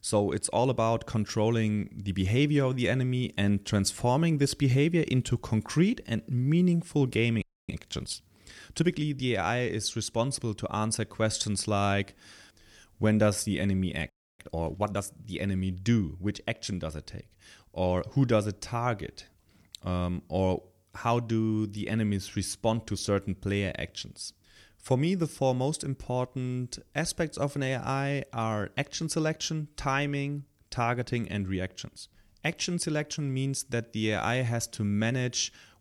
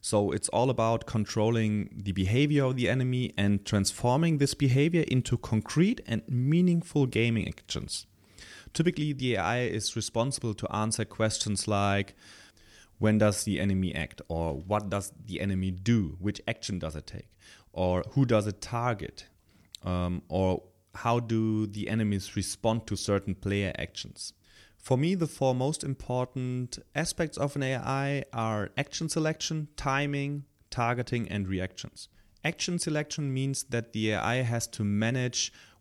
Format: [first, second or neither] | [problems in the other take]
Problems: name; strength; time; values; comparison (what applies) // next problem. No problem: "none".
second | audio freezing; at 7.5 s and at 14 s